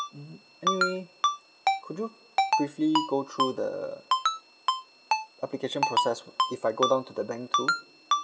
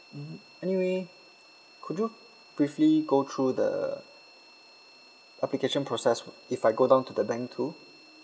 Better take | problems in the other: second | background sound (Ringtone); 3 dB above the speech

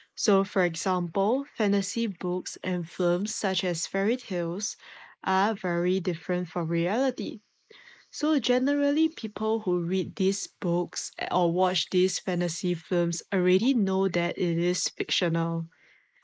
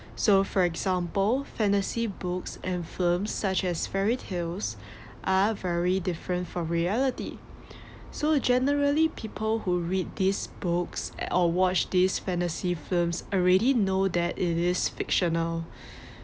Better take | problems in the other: second | noise reduction (neural mask model Resemble Enhance denoiser)

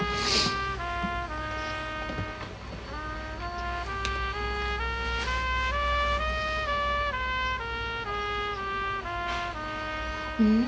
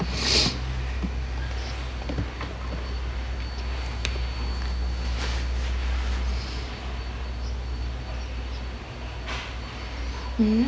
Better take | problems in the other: second | background sound (Trumpet); 1 dB above the speech // room echo; dies away in 1.7 s

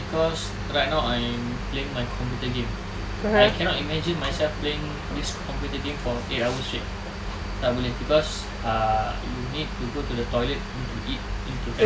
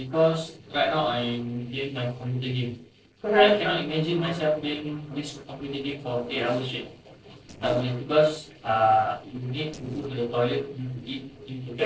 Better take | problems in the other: first | noise reduction (neural separator model SepFormer DNS4)

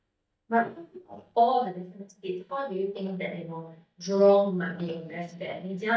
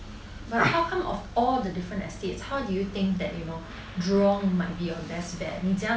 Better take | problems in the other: second | noise reduction (neural mask model DeepFilterNet 3)

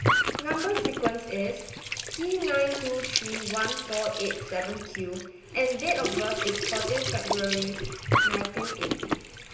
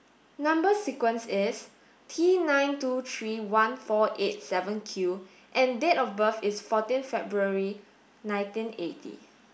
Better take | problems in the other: second | background sound (Squeak / Trickle, dribble / Sink (filling or washing)); as loud as the speech // room echo; dies away in 0.9 s

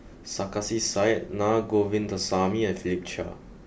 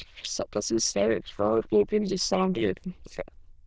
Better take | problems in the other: first | noise reduction (neural diffusion model UNIVERSE++)

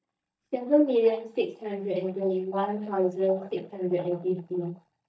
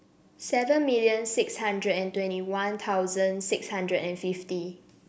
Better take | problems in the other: second | noise reduction (neural mask model DeepFilterNet 3)

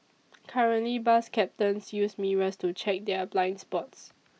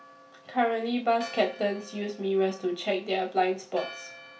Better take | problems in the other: first | background sound (Church bell); 18 dB below the speech // room echo; dies away in 0.3 s

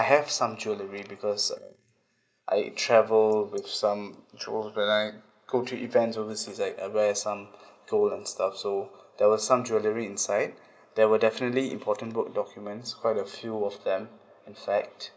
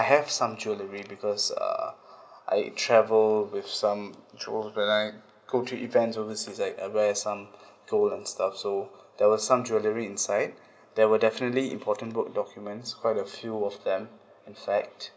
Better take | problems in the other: second | noise reduction (neural mask model Resemble Enhance denoiser)

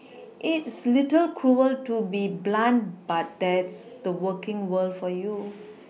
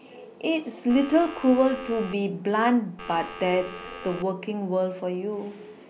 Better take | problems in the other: first | background sound (Telephone); 14 dB below the speech

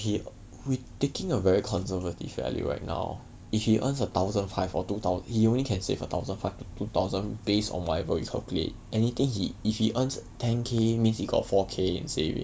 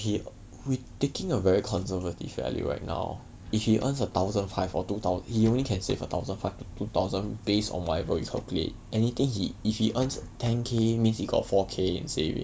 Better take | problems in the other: first | background sound (Drawer open or close); 20 dB below the speech

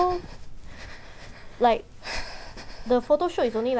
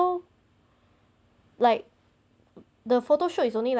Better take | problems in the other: second | background sound (Breathing); 10 dB below the speech

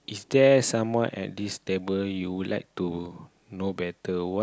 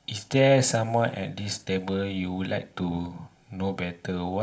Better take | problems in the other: first | room echo; dies away in 0.4 s

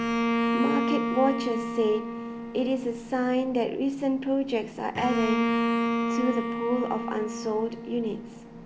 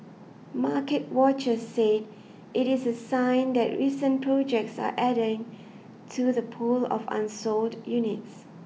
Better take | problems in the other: second | background sound (Bowed string instrument); 1 dB below the speech

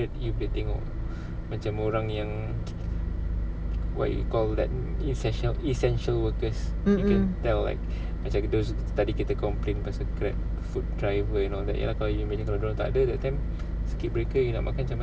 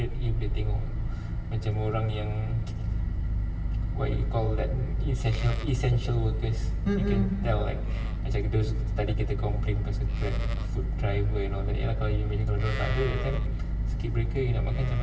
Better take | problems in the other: first | background sound (Livestock, farm animals, working animals); 19 dB below the speech // room echo; dies away in 2.4 s

